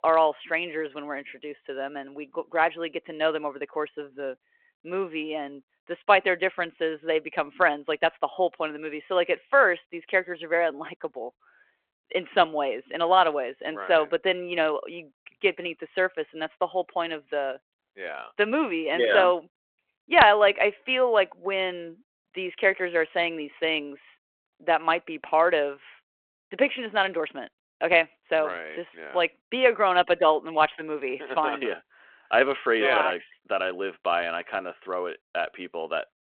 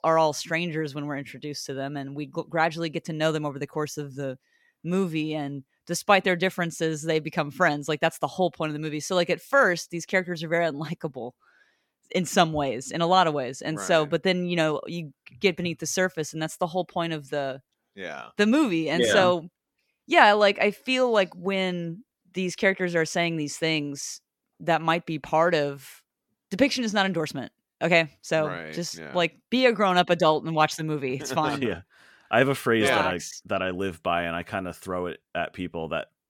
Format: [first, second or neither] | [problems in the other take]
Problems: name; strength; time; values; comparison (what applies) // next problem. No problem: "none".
second | phone-call audio